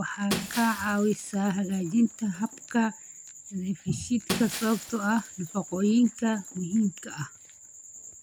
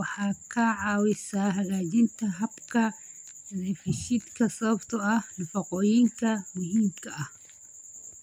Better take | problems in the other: second | background sound (Shatter); 12 dB below the speech

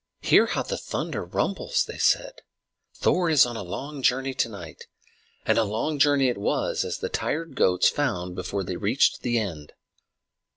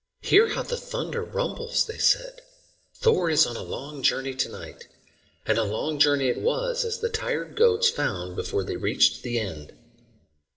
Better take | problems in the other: first | room echo; dies away in 1.8 s

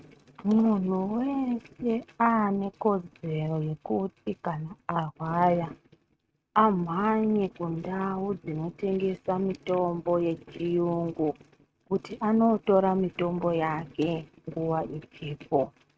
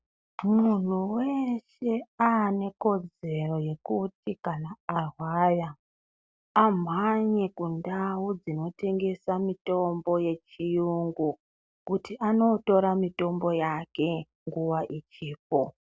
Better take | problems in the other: second | noise reduction (neural mask model RNNoise)

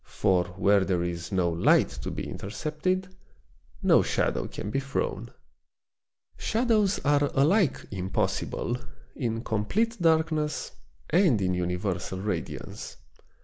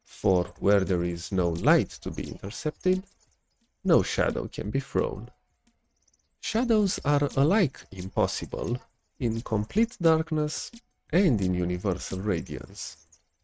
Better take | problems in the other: first | noise reduction (neural mask model RNNoise)

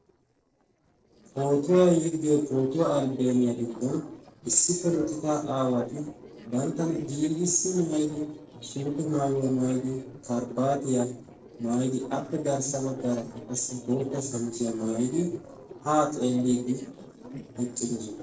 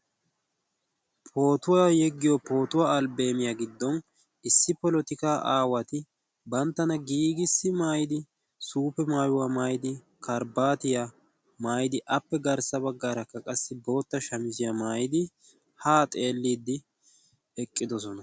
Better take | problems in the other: second | noise reduction (neural separator model SepFormer DNS4)

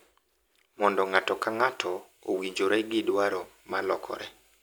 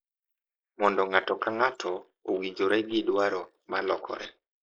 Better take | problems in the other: first | noise reduction (neural mask model Resemble Enhance denoiser)

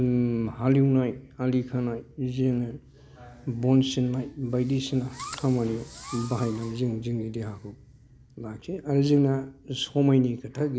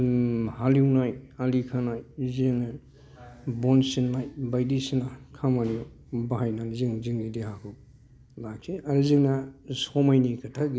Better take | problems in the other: second | background sound (Fireworks); 17 dB below the speech

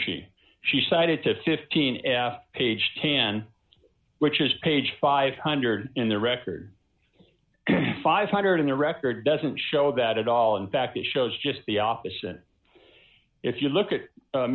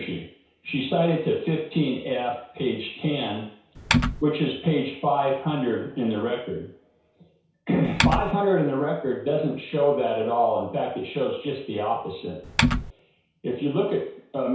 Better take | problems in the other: first | background sound (Typing); 2 dB above the speech // room echo; dies away in 0.6 s

